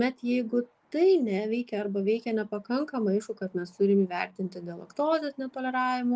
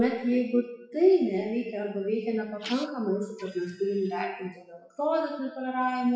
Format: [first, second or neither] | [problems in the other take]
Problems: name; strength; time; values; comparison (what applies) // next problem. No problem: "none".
first | noise reduction (classical method WPE with log-MMSE)